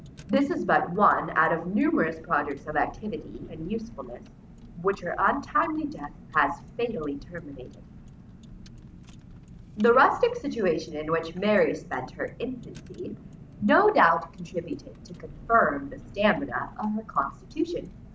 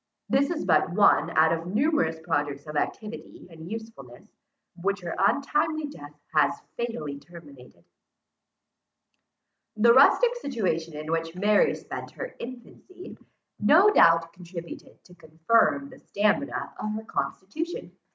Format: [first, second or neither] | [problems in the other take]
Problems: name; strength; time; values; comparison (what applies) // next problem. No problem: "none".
second | background sound (Car); 18 dB below the speech